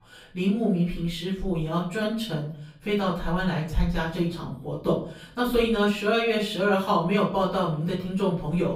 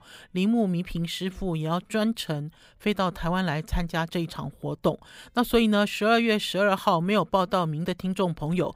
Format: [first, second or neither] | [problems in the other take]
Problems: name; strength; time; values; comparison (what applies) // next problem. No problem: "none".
second | off-mic speech; far // room echo; noticeable; dies away in 0.5 s